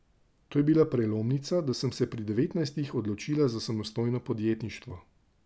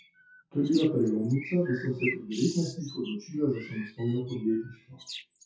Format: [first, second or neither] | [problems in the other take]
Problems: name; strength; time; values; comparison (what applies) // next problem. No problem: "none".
first | noise reduction (classical method WPE with log-MMSE)